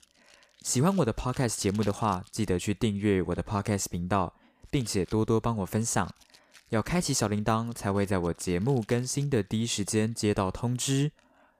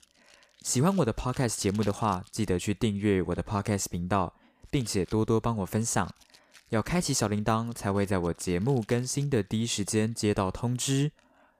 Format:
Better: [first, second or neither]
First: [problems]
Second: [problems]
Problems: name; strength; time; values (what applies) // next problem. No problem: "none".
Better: neither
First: household noises; faint; throughout; 25 dB below the speech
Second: household noises; faint; throughout; 25 dB below the speech